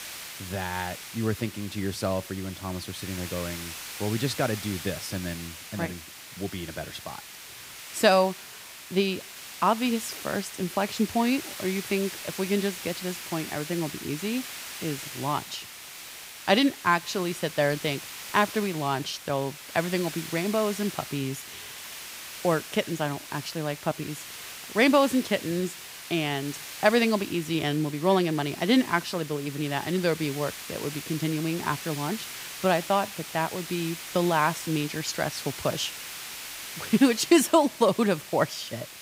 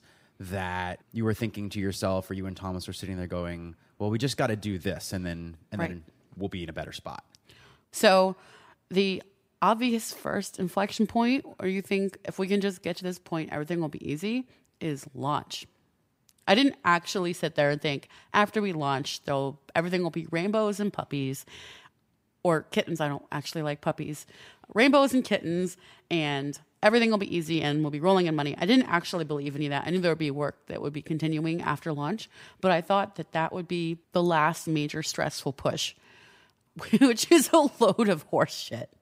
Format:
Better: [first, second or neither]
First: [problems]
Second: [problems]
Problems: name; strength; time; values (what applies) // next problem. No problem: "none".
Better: second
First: hiss; noticeable; throughout; 10 dB below the speech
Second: none